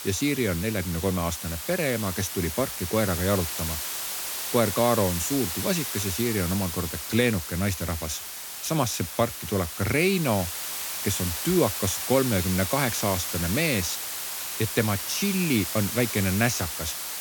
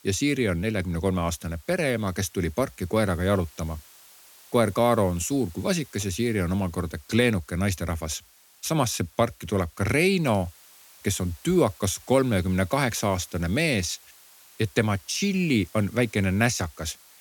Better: second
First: hiss; loud; throughout; 4 dB below the speech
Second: hiss; faint; throughout; 25 dB below the speech

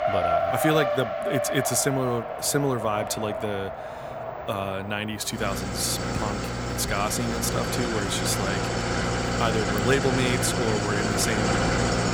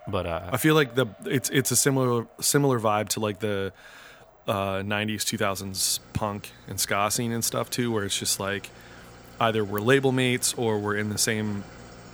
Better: second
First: traffic noise; loud; throughout; as loud as the speech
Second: traffic noise; faint; throughout; 25 dB below the speech

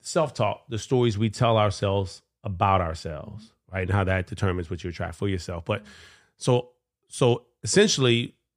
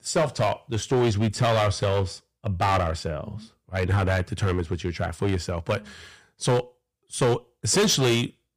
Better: first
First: none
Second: distortion; heavy; 9% of the sound clipped

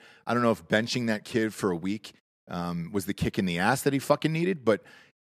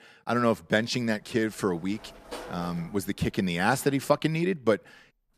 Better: first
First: none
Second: door banging; faint; from 1.5 to 4 s; peak 10 dB below the speech

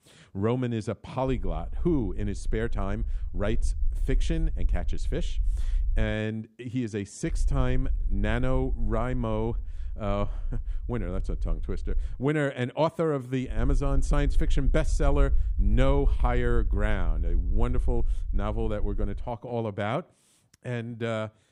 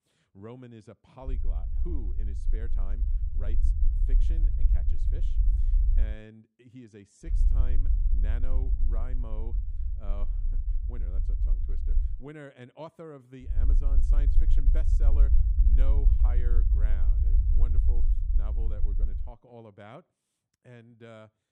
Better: first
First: low rumble; faint; from 1.5 to 6 s, from 7.5 to 12 s and from 13 to 19 s; 25 dB below the speech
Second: low rumble; loud; from 1.5 to 6 s, from 7.5 to 12 s and from 13 to 19 s; 3 dB below the speech

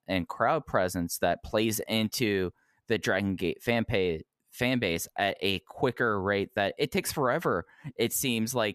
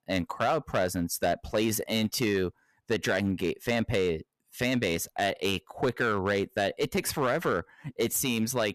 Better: first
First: none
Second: distortion; slight; 5% of the sound clipped

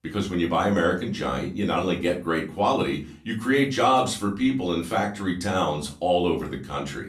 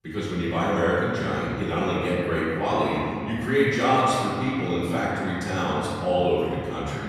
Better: first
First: room echo; slight; dies away in 0.3 s // off-mic speech; far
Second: room echo; strong; dies away in 2.5 s // off-mic speech; far

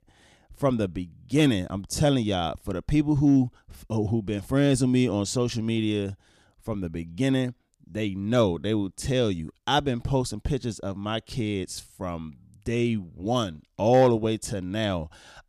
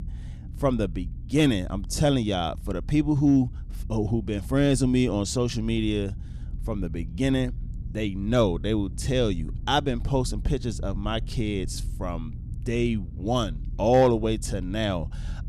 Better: first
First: none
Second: low rumble; faint; throughout; 25 dB below the speech

